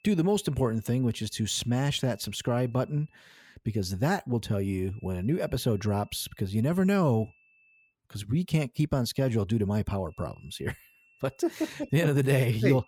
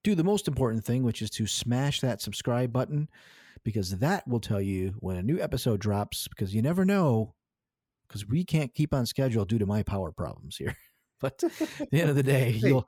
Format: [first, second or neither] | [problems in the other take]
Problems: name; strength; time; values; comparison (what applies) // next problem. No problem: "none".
second | high-pitched whine; faint; until 3 s, from 5 to 8 s and from 10 s on; 2.5 kHz, 35 dB below the speech